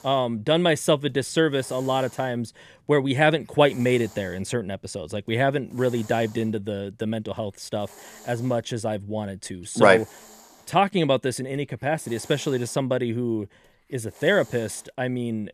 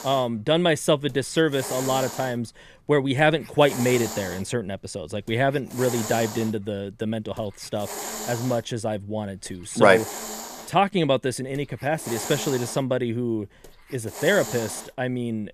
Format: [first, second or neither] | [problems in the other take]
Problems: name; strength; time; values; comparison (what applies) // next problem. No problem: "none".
first | hiss; loud; throughout; 9 dB below the speech; faint in the first